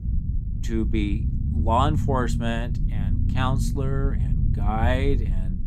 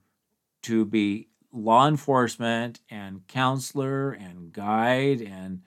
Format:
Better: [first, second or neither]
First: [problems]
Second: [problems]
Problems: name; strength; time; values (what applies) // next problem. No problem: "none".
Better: second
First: low rumble; noticeable; throughout; 10 dB below the speech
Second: none